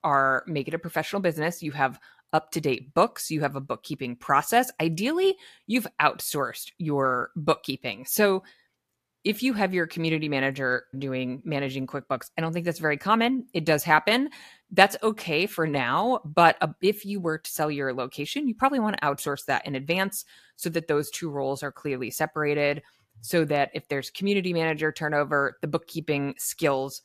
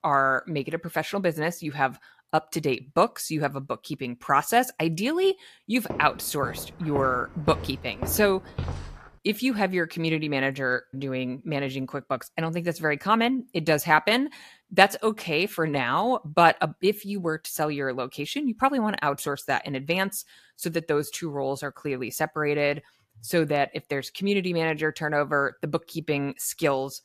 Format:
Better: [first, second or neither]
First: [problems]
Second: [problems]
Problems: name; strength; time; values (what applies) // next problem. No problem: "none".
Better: first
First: none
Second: footsteps; noticeable; from 6 to 9 s; peak 8 dB below the speech